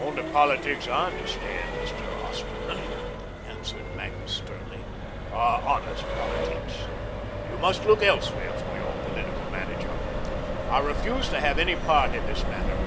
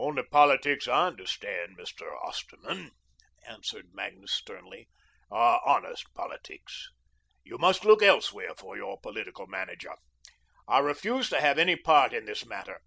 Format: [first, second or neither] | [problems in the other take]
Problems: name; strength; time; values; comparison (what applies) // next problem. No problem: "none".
second | background sound (Accelerating, revving, vroom); 1 dB below the speech